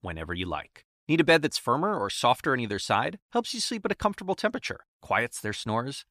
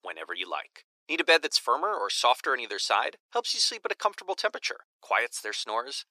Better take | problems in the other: first | thin; very; fading below 400 Hz

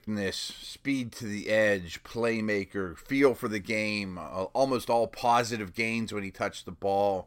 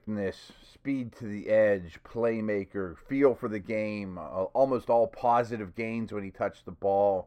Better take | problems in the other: first | muffled; very; fading above 2.5 kHz

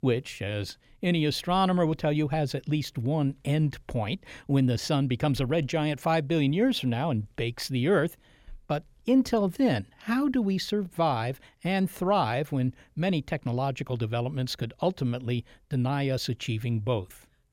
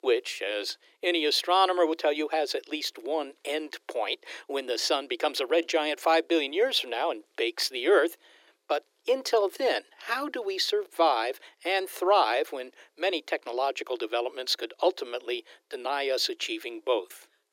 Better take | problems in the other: first | thin; very; fading below 350 Hz

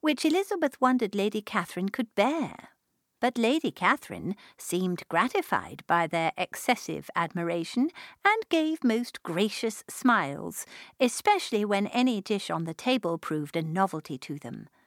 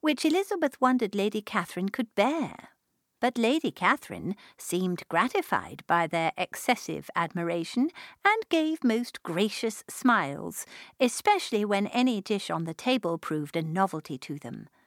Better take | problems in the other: neither | none

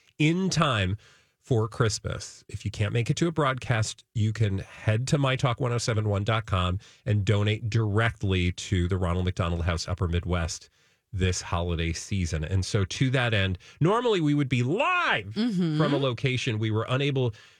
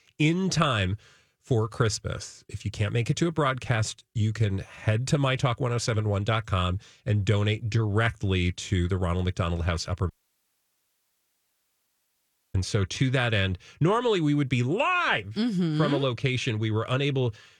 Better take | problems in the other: first | audio cutting out; at 10 s for 2.5 s

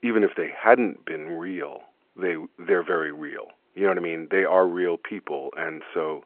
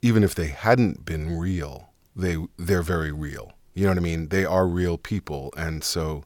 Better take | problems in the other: second | phone-call audio

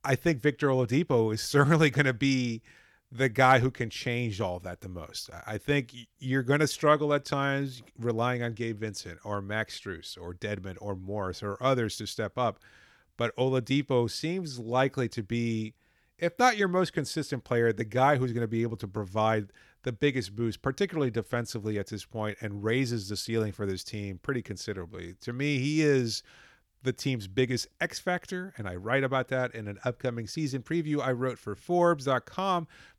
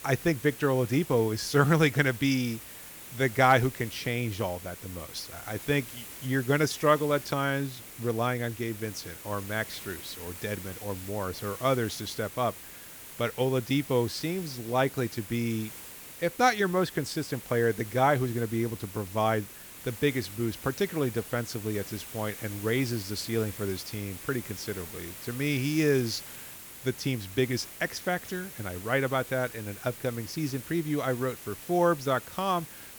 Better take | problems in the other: first | hiss; noticeable; throughout; 15 dB below the speech

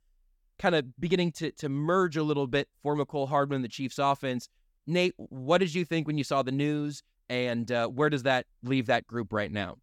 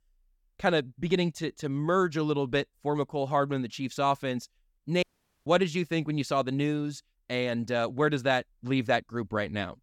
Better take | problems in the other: first | audio cutting out; at 5 s

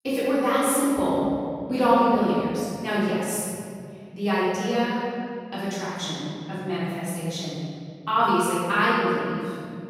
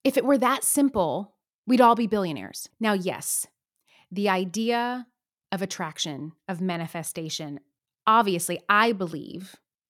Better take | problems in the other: second | room echo; strong; dies away in 3 s // off-mic speech; far

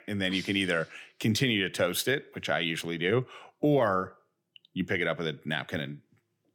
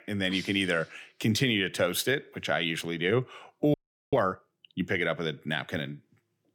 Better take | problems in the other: first | audio freezing; at 3.5 s

